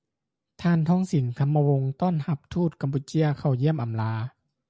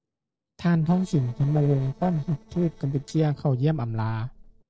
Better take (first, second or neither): first